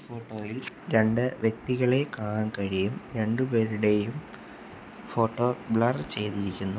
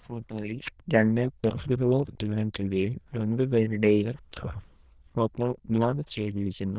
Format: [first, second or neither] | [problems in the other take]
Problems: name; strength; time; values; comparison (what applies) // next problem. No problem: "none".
first | noise reduction (neural diffusion model UNIVERSE++)